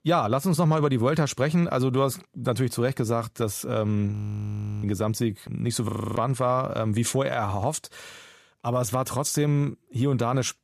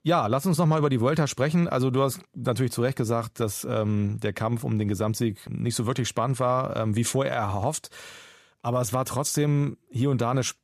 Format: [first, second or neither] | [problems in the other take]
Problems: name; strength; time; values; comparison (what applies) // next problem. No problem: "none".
second | audio freezing; at 4 s for 0.5 s and at 6 s